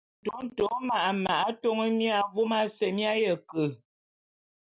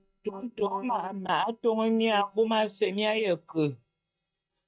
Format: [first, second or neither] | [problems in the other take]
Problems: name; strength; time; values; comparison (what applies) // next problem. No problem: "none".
first | noise reduction (neural mask model DeepFilterNet 3)